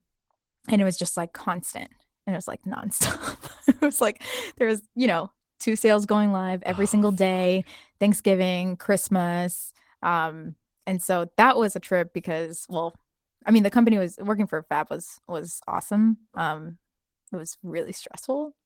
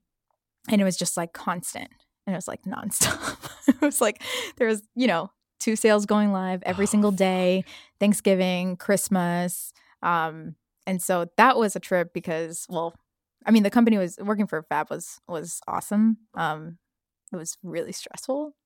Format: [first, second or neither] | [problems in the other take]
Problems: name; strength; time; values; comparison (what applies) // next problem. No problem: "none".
second | garbled, watery; slightly; nothing above 17 kHz